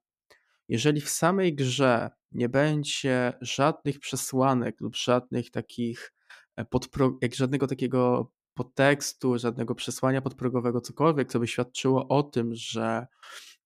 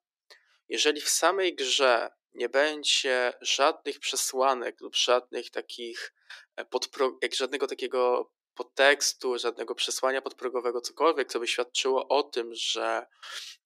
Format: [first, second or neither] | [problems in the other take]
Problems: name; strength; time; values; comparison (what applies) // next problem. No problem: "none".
first | thin; very; fading below 350 Hz